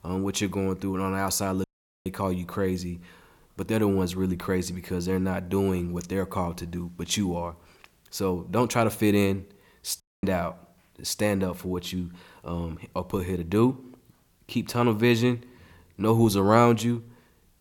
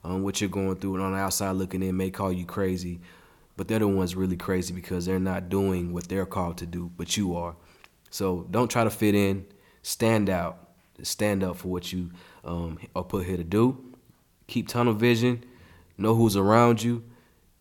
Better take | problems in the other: second | audio cutting out; at 1.5 s and at 10 s

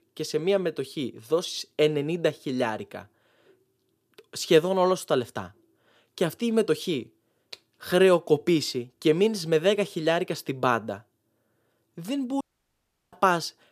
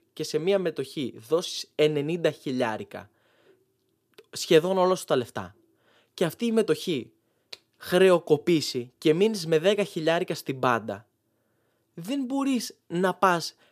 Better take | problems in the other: second | audio cutting out; at 12 s for 0.5 s

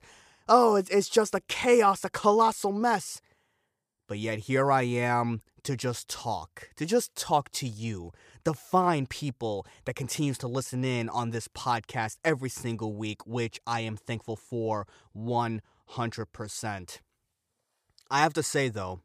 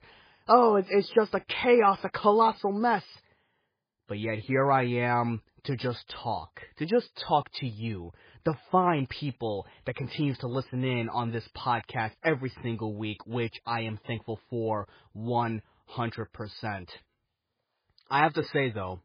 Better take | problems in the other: first | garbled, watery; badly; nothing above 5 kHz

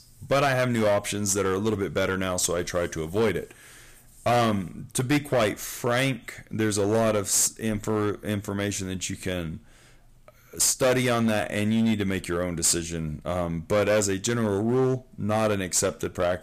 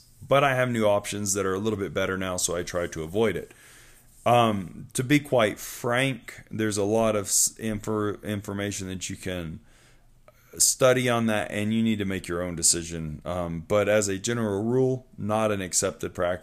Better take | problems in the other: second | distortion; slight; 7% of the sound clipped

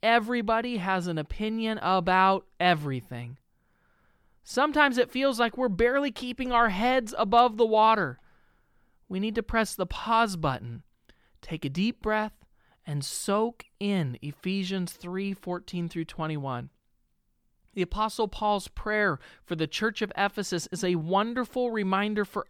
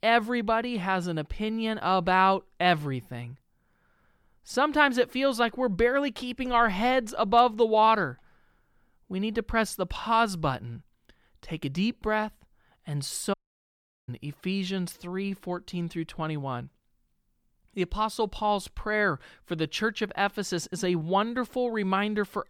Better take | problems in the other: first | audio cutting out; at 13 s for 0.5 s

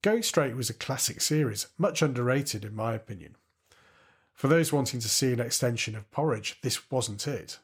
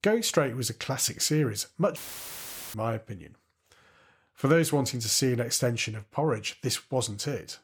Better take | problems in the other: first | audio cutting out; filled with static; at 2 s for 1 s

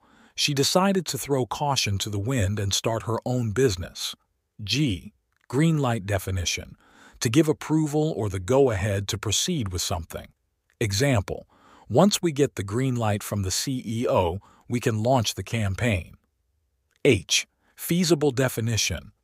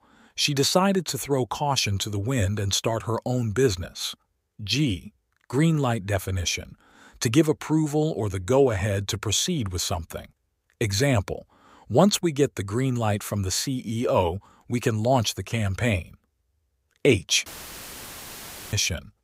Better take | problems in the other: first | audio cutting out; filled with static; at 17 s for 1.5 s

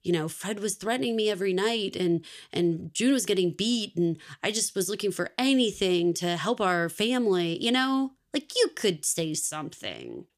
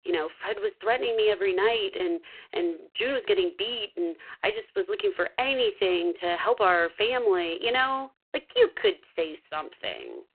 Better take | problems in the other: first | phone-call audio; poor line

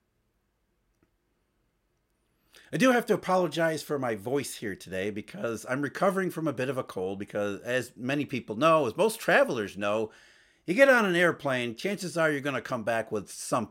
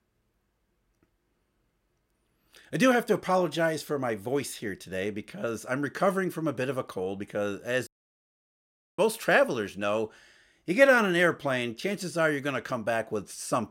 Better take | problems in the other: first | audio cutting out; at 8 s for 1 s

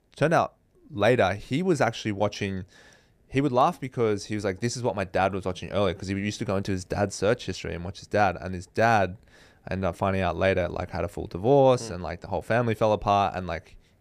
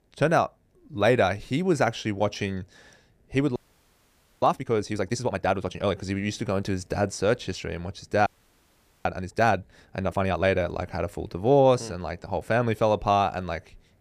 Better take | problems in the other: first | audio freezing; at 3.5 s for 1 s and at 8.5 s for 1 s

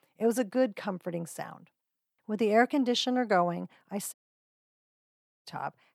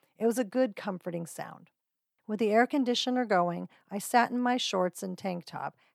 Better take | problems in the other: second | audio cutting out; at 4 s for 1.5 s

